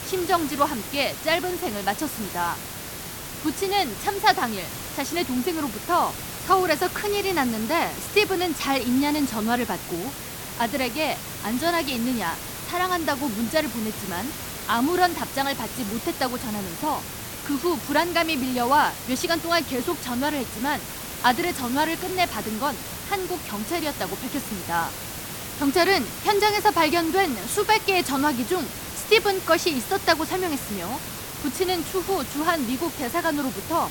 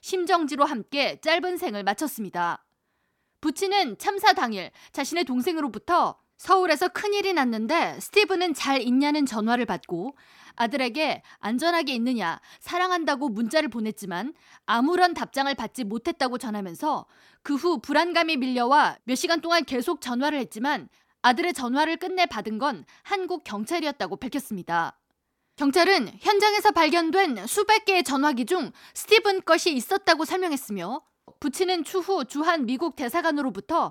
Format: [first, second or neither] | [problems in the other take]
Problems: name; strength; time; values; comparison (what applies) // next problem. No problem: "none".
second | hiss; loud; throughout; 8 dB below the speech